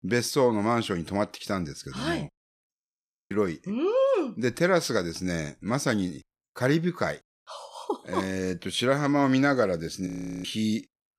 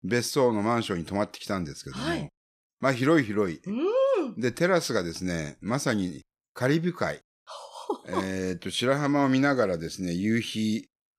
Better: second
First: audio freezing; at 2.5 s for 0.5 s and at 10 s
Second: none

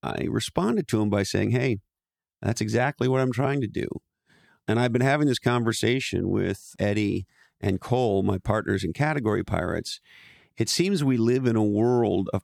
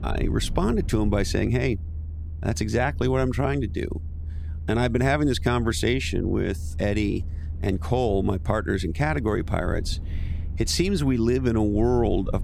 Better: first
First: none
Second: low rumble; faint; throughout; 20 dB below the speech

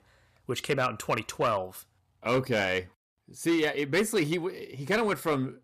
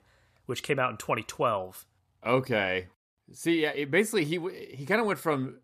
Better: second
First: distortion; slight; 4% of the sound clipped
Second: none

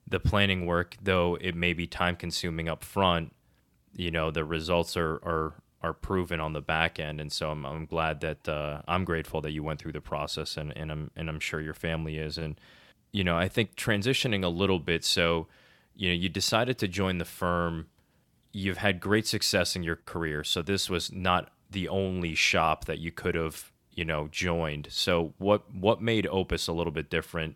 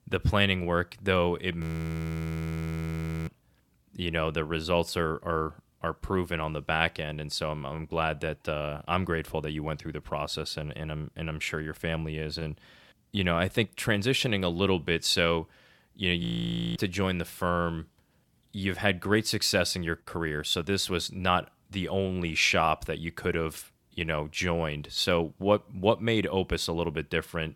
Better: first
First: none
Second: audio freezing; at 1.5 s for 1.5 s and at 16 s for 0.5 s

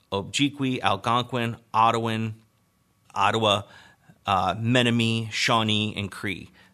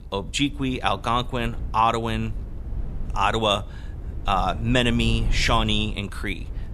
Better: first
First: none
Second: low rumble; faint; throughout; 25 dB below the speech

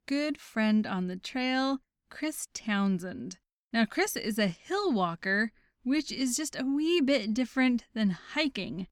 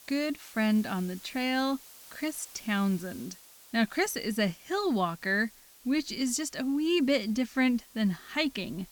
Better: first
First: none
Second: hiss; faint; throughout; 20 dB below the speech

